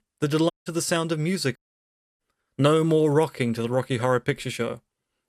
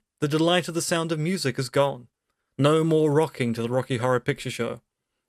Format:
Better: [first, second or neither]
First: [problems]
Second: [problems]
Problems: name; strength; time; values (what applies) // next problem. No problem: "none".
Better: second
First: audio cutting out; at 0.5 s and at 1.5 s for 0.5 s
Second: none